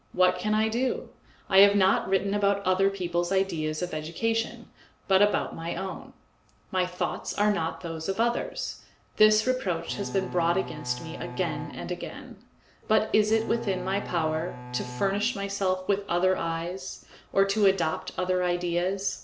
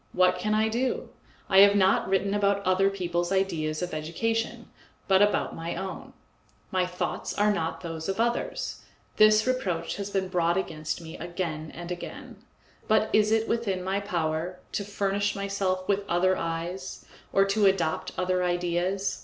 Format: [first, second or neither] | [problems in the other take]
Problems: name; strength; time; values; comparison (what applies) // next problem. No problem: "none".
second | background sound (Bowed string instrument); 12 dB below the speech